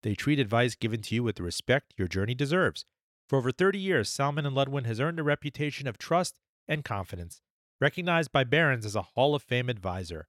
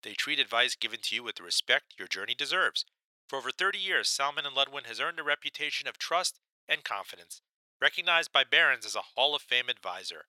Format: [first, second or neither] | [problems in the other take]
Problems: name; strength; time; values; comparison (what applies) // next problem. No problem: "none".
first | thin; very; fading below 900 Hz